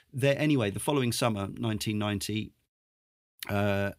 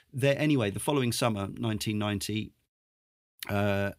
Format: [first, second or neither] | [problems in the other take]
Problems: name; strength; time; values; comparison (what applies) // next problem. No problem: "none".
neither | none